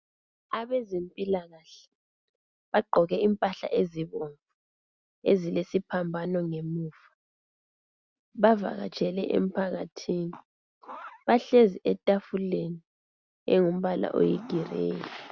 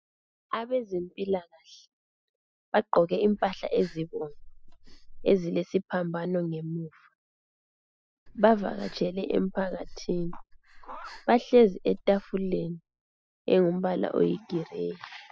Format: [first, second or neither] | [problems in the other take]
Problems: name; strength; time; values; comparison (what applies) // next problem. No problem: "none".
first | noise reduction (classical method spectral subtraction)